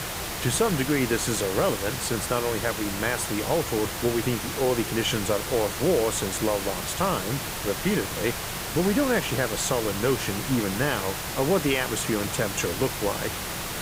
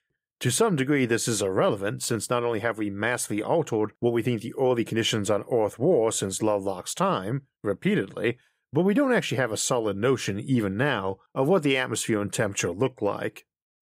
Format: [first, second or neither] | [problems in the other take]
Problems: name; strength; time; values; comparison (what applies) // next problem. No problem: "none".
second | hiss; loud; throughout; 4 dB below the speech